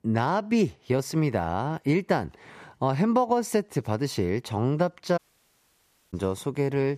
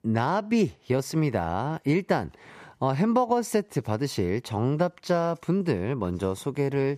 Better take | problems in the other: second | audio cutting out; at 5 s for 1 s

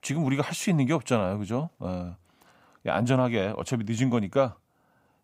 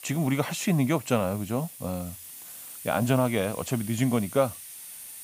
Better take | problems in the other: first | hiss; noticeable; throughout; 15 dB below the speech

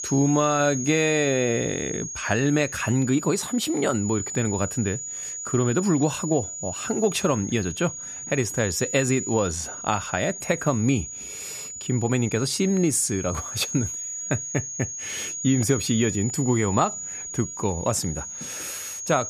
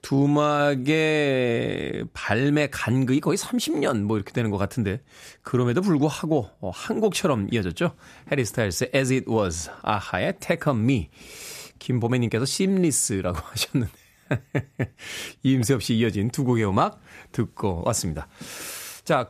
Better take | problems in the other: second | high-pitched whine; loud; throughout; 7 kHz, 7 dB below the speech

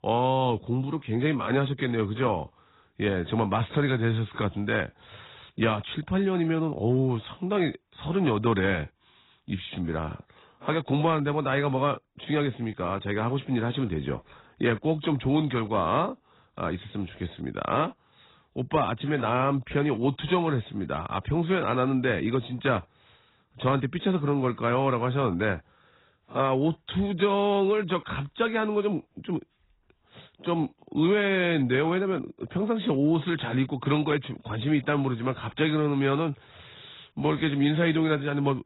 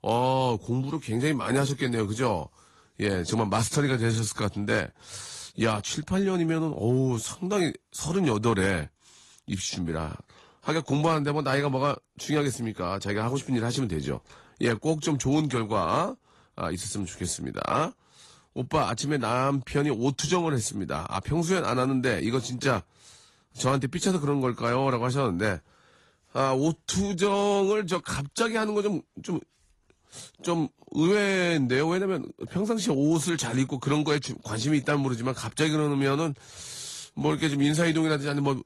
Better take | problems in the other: second | garbled, watery; badly; nothing above 4 kHz; slightly in the second

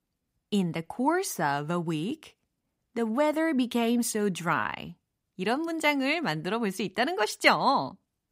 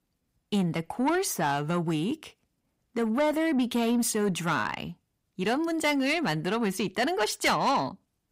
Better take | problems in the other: first | distortion; slight; 10 dB below the speech

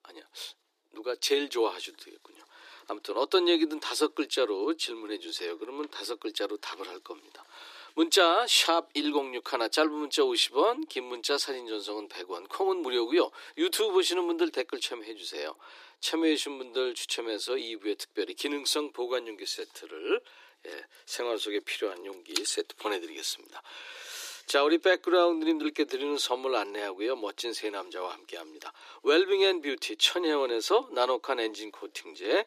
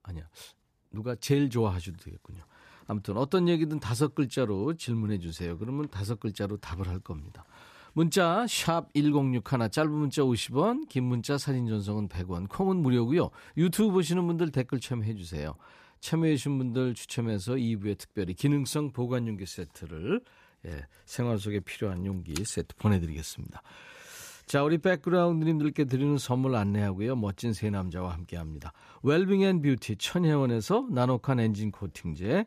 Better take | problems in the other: second | thin; very; fading below 300 Hz

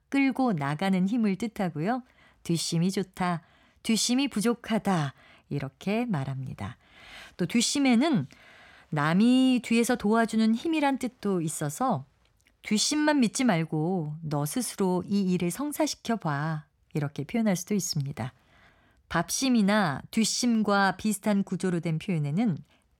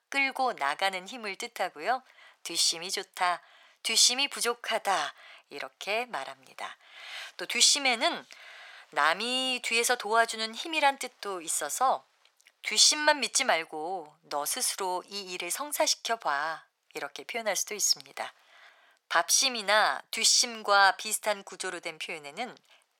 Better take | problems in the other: first | thin; very; fading below 600 Hz

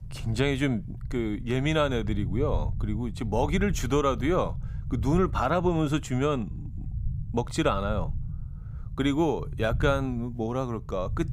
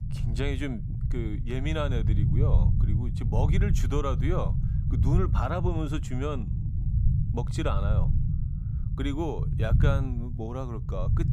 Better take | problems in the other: first | low rumble; loud; throughout; 7 dB below the speech; faint in the first

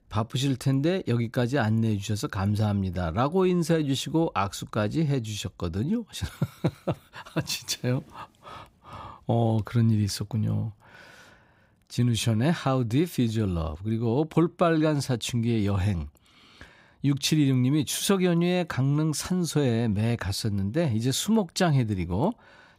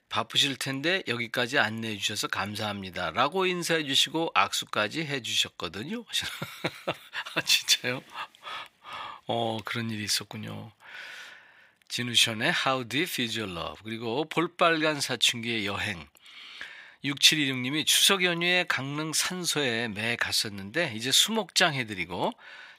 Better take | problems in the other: first | thin; somewhat; fading below 1 kHz

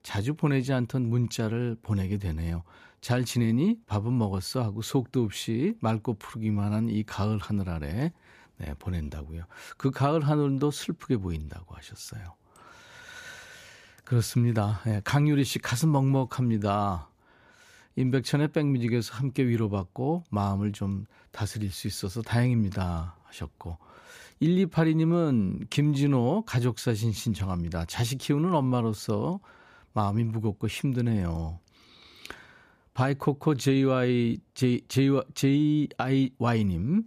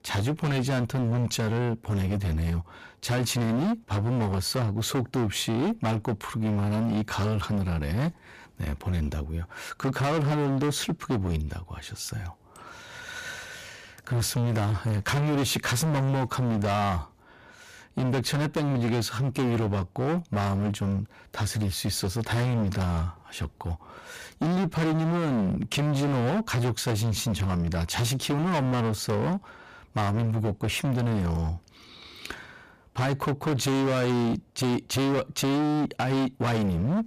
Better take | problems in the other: first | distortion; heavy; 28% of the sound clipped

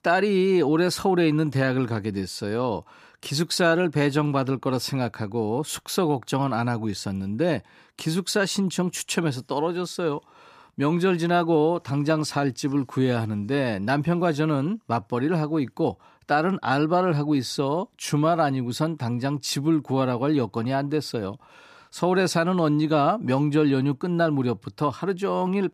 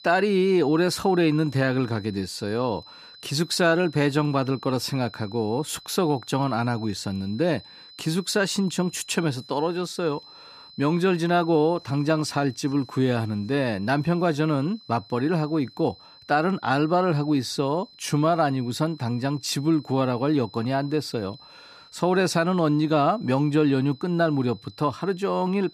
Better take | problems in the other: first | high-pitched whine; faint; throughout; 4 kHz, 20 dB below the speech

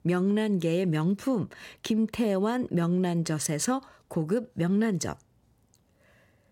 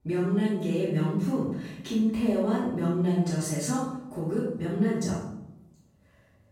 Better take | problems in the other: first | room echo; strong; dies away in 0.7 s // off-mic speech; far

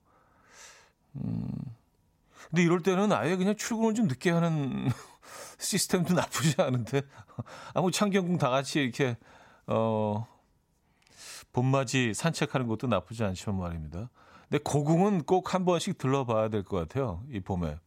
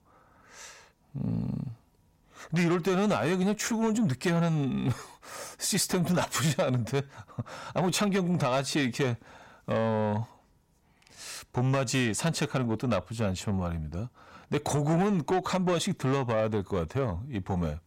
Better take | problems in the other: first | distortion; slight; 10 dB below the speech

